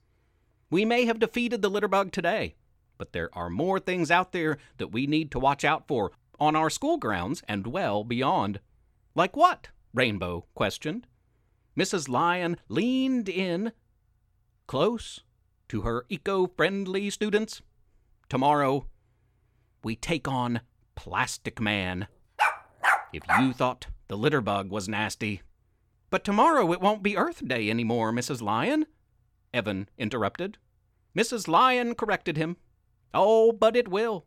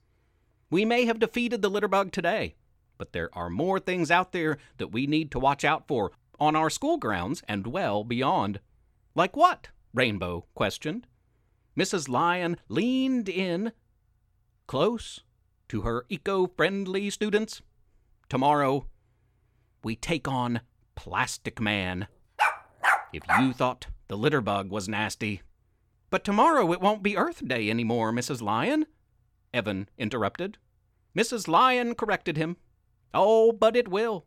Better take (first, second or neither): neither